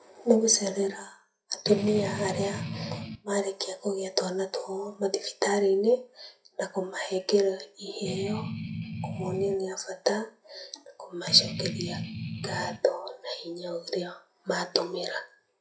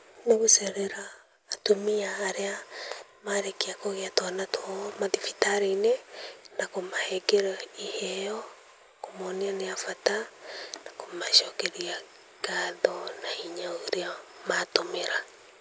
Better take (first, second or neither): second